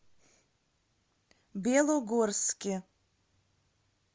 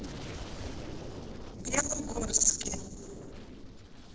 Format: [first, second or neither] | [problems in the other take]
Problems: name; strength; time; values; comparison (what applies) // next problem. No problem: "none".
first | noise reduction (neural separator model SepFormer DNS4)